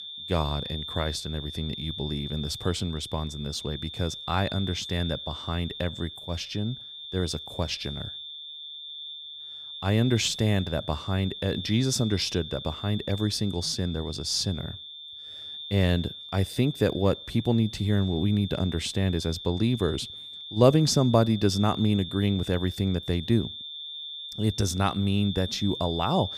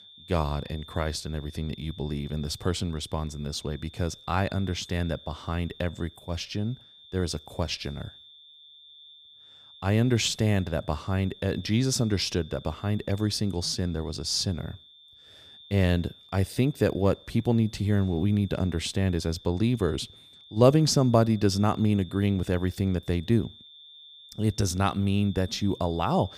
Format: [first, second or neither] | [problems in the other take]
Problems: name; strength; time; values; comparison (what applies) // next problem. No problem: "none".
second | high-pitched whine; loud; throughout; 3.5 kHz, 10 dB below the speech; faint in the second